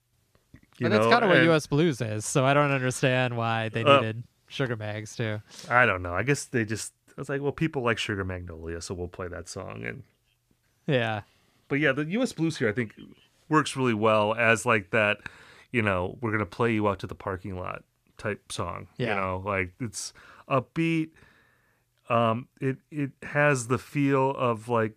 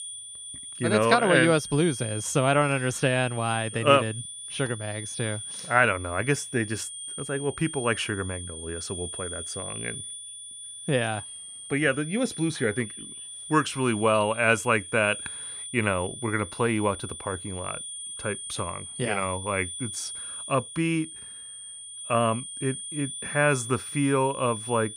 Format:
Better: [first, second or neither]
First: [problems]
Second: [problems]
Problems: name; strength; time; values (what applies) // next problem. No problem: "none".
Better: first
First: none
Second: high-pitched whine; loud; throughout; 9 kHz, 9 dB below the speech